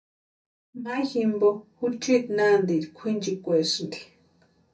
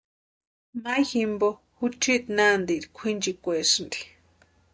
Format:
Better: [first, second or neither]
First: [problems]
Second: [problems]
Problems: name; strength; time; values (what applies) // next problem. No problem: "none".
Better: second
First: room echo; dies away in 0.3 s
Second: none